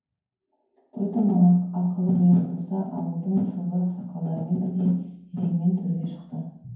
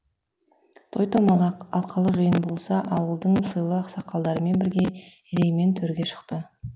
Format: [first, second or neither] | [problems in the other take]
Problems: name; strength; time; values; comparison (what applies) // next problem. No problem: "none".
second | room echo; dies away in 0.9 s